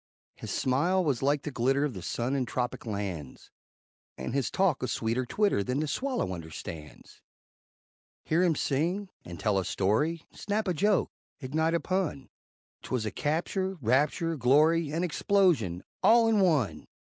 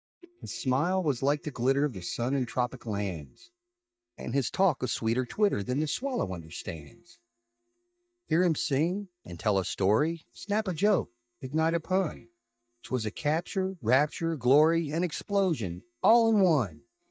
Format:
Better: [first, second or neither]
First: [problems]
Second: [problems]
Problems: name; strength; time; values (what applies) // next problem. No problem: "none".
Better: first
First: none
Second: noise reduction (neural mask model DeepFilterNet 3)